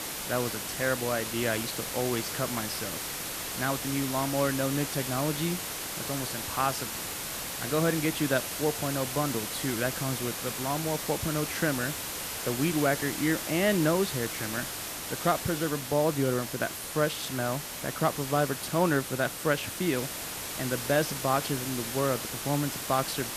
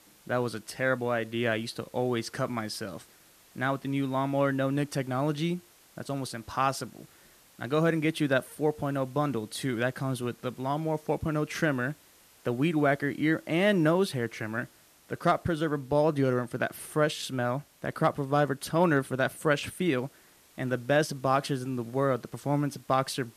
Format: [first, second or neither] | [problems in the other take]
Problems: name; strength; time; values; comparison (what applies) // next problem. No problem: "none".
second | hiss; loud; throughout; 3 dB below the speech; faint in the second